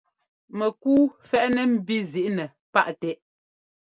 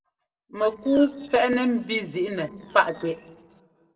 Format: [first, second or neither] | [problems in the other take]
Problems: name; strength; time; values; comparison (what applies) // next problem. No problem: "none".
first | noise reduction (neural separator model SepFormer DNS4)